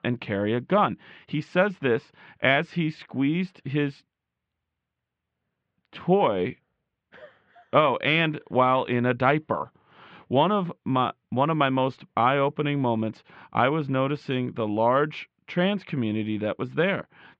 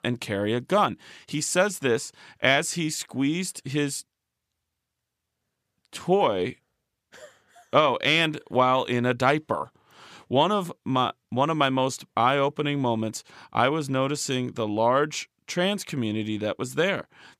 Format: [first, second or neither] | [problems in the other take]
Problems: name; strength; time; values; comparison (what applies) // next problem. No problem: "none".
second | muffled; very; fading above 3 kHz